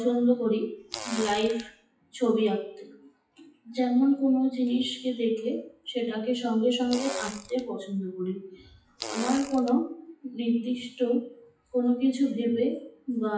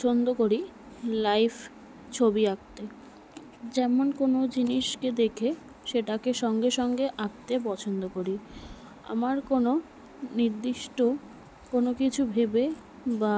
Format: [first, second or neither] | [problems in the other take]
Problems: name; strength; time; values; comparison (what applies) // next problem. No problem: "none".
second | noise reduction (classical method WPE with log-MMSE)